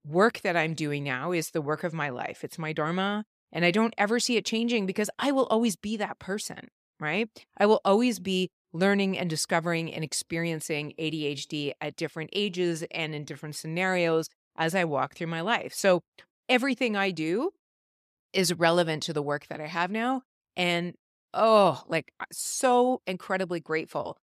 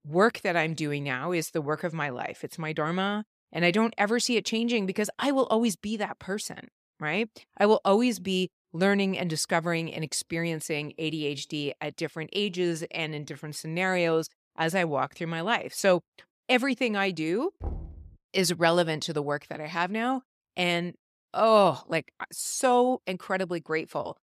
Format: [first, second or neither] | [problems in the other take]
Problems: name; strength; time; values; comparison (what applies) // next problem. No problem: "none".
first | door banging; faint; at 18 s; peak 10 dB below the speech